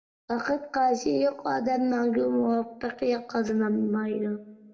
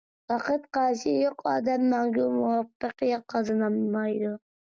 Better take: second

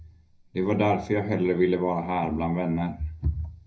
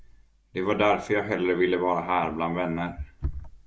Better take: second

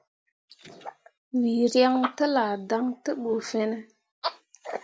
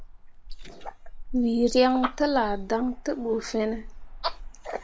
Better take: first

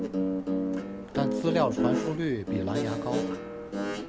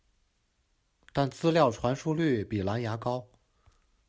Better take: second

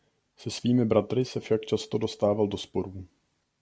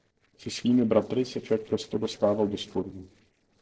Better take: first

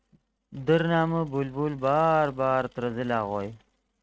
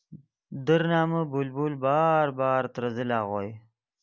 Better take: second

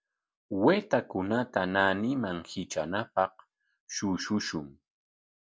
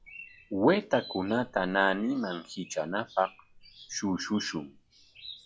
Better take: first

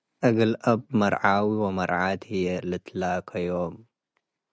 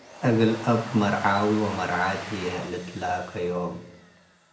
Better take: first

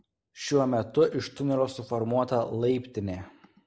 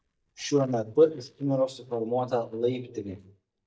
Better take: first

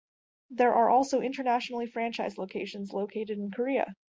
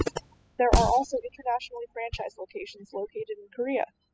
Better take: first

